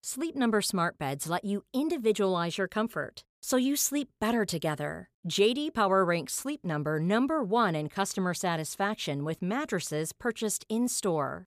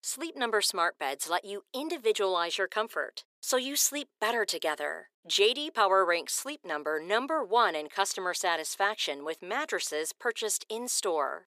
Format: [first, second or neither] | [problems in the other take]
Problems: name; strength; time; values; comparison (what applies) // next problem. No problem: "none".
first | thin; very; fading below 350 Hz